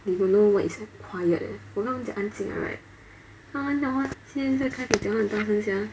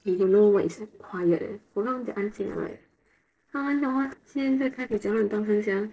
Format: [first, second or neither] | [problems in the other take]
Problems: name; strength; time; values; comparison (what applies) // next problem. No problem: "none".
first | noise reduction (neural separator model SepFormer DNS4)